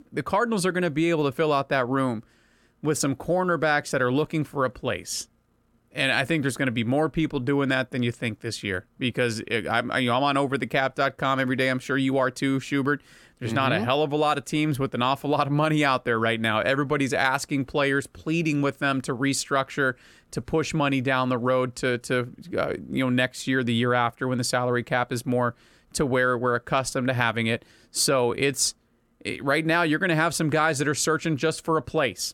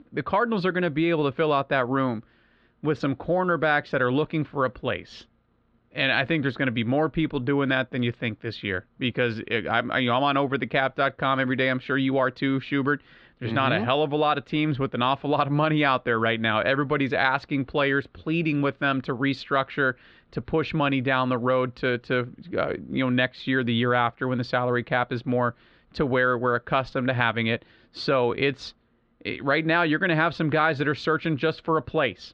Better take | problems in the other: first | muffled; slightly; fading above 4 kHz

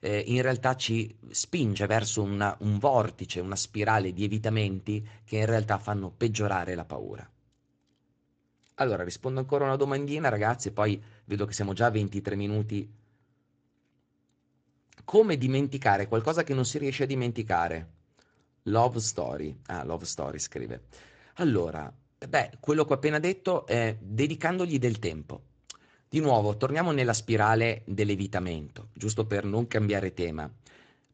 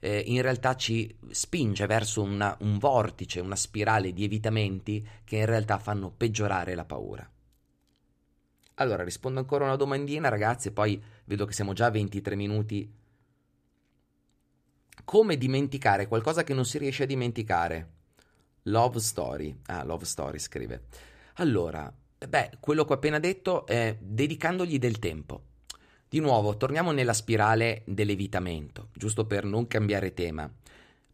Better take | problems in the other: second | garbled, watery; slightly; nothing above 7.5 kHz

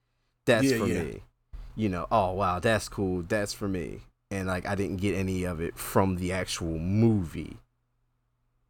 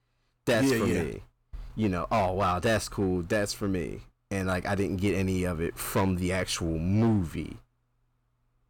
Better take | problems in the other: first | distortion; slight; 5% of the sound clipped

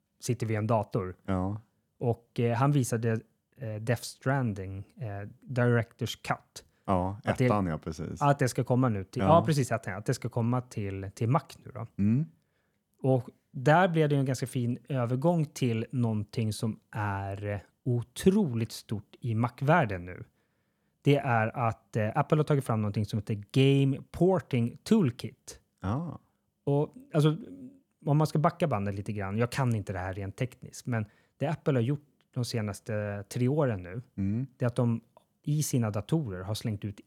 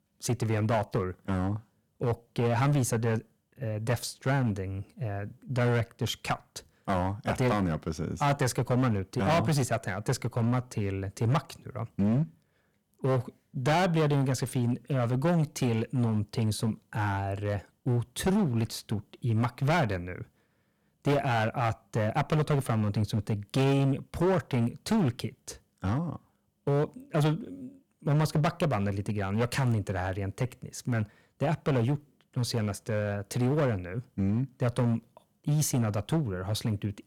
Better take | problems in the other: first | distortion; heavy; 10% of the sound clipped

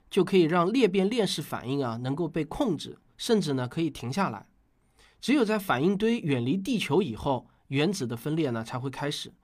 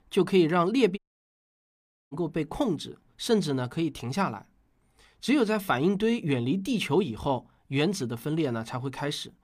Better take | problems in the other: first | audio cutting out; at 1 s for 1 s

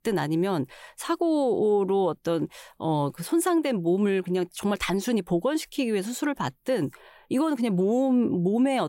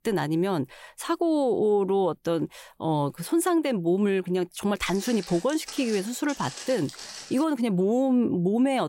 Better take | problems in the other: first | footsteps; faint; from 5 to 7.5 s; peak 10 dB below the speech

